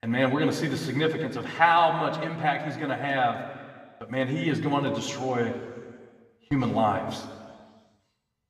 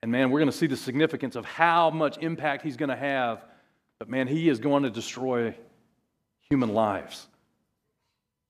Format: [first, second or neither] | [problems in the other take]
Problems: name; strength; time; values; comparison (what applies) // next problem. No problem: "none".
second | room echo; slight; dies away in 1.7 s // off-mic speech; somewhat distant